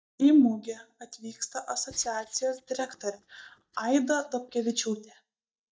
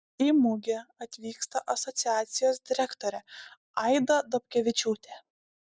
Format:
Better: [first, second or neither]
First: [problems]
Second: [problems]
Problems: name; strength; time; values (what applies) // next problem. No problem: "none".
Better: second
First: noise reduction (neural mask model DeepFilterNet 3)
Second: none